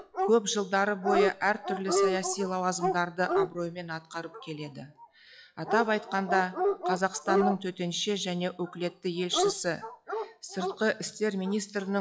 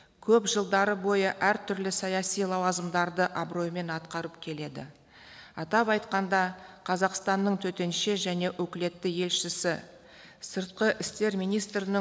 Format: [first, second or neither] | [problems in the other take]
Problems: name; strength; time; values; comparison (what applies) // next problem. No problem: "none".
second | noise reduction (classical method log-MMSE)